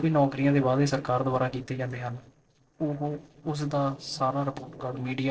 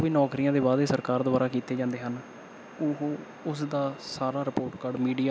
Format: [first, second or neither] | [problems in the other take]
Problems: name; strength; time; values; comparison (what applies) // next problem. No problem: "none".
second | noise reduction (neural separator model SepFormer DNS4)